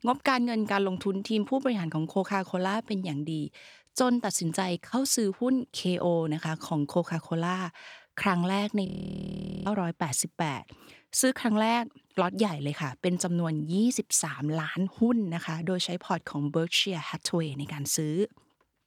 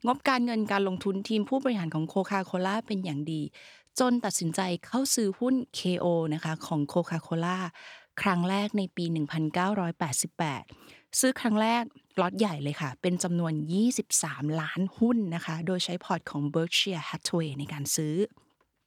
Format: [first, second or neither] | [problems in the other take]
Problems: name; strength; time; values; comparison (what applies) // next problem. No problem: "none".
second | audio freezing; at 9 s for 1 s